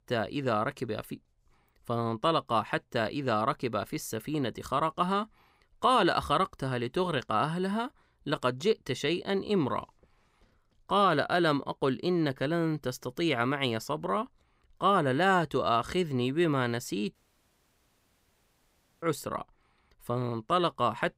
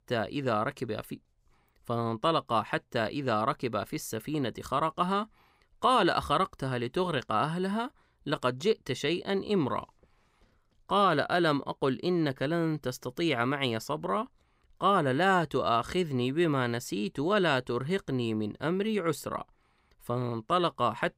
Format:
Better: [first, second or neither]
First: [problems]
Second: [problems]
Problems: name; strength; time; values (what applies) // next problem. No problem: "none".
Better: second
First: audio cutting out; at 17 s for 2 s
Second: none